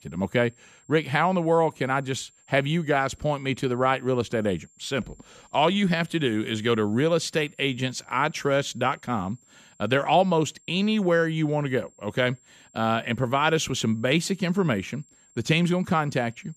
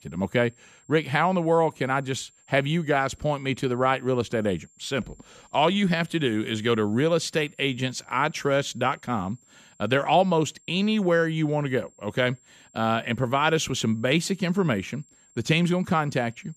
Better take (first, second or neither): neither